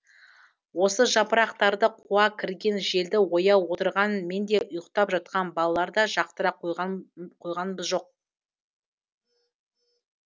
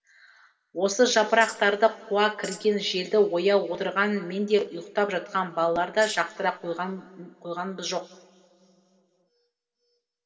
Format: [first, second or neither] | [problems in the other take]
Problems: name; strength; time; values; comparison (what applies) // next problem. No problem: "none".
first | background sound (Tambourine); 16 dB below the speech // room echo; dies away in 3 s